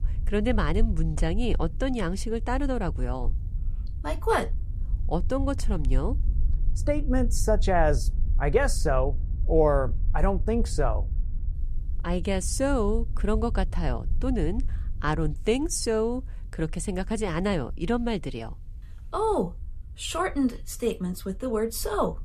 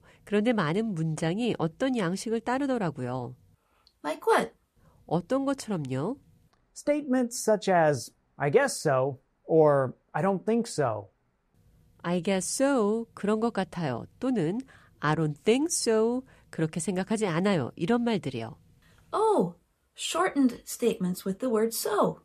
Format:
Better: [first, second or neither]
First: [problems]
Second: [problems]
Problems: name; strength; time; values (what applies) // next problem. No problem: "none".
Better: second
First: low rumble; faint; throughout; 25 dB below the speech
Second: none